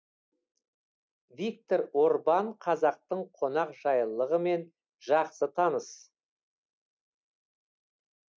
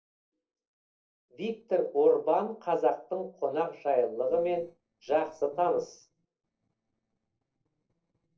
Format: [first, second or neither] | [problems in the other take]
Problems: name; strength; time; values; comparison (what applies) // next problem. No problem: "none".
first | noise reduction (neural separator model SepFormer DNS4)